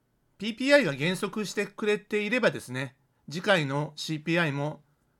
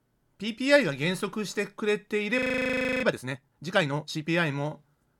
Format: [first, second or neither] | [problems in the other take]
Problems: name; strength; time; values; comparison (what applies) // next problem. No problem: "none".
first | audio freezing; at 2.5 s for 0.5 s